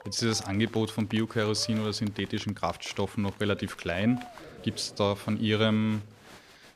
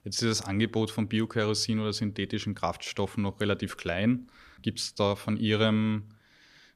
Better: second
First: crowd noise; noticeable; throughout; 20 dB below the speech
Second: none

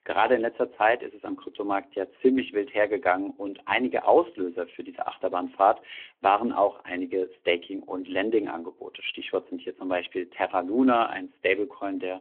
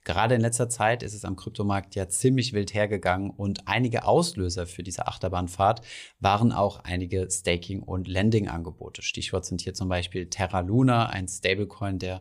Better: second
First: phone-call audio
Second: none

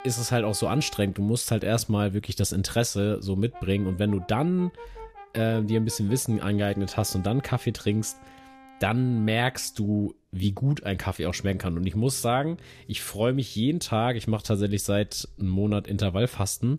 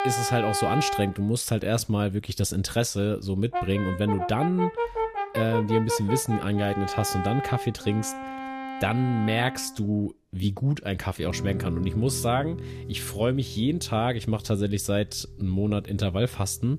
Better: first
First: background music; faint; throughout; 20 dB below the speech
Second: background music; loud; throughout; 5 dB below the speech

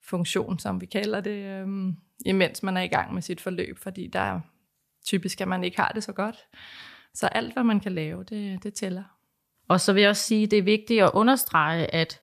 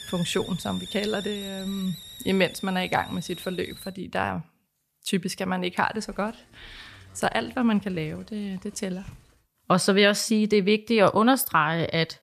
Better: first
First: none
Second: hiss; noticeable; until 4 s and from 6 to 9.5 s; 15 dB below the speech

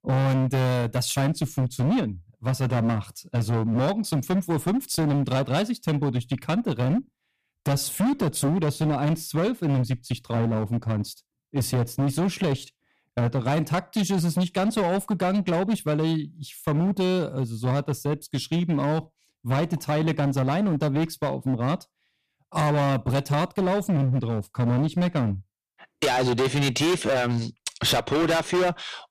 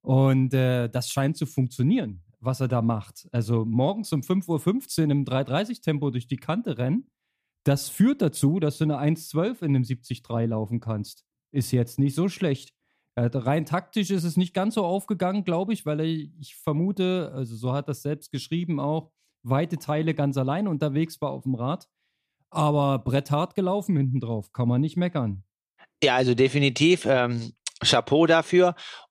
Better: second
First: distortion; heavy; 19% of the sound clipped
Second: none

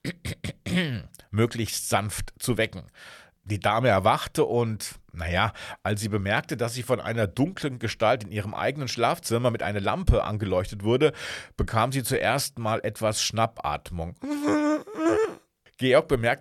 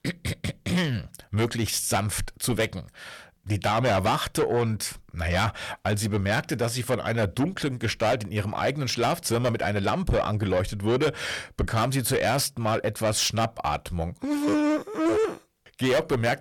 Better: first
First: none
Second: distortion; heavy; 8 dB below the speech

